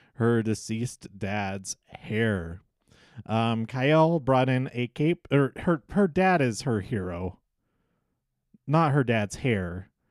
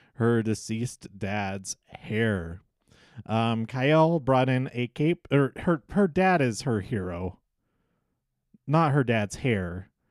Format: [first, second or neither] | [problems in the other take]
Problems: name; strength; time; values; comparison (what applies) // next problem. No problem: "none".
neither | none